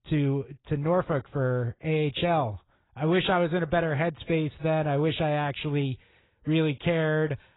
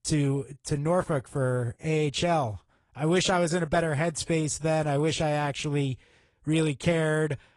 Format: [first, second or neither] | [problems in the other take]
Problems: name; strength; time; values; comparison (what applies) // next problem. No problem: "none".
second | garbled, watery; badly; nothing above 4 kHz; slightly in the second